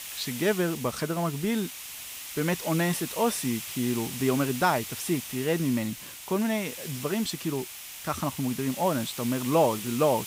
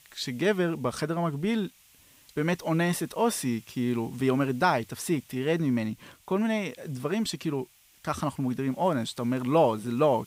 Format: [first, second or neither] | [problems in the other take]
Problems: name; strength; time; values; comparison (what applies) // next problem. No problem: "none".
second | hiss; loud; throughout; 8 dB below the speech; faint in the second